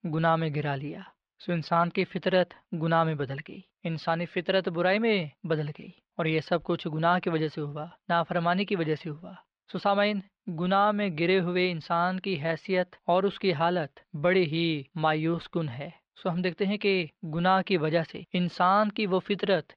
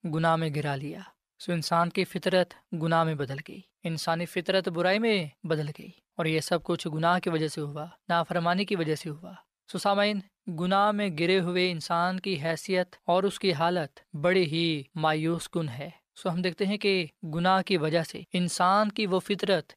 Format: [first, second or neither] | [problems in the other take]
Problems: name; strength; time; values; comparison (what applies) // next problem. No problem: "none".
second | muffled; very slightly; fading above 3.5 kHz